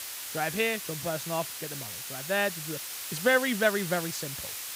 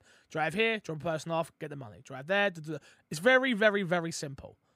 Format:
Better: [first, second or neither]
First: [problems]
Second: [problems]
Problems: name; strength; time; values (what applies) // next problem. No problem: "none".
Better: second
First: hiss; loud; throughout; 6 dB below the speech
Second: none